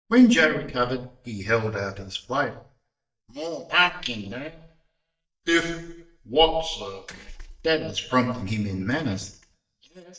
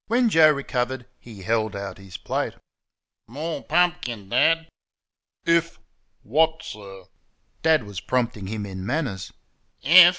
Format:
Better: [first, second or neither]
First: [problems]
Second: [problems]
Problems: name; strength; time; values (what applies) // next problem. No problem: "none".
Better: second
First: noise reduction (neural mask model DeepFilterNet 3)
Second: none